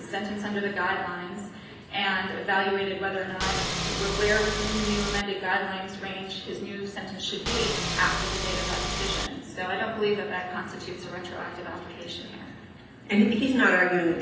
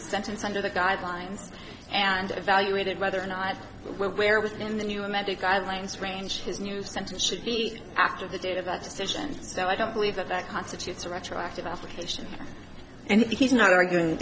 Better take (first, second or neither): second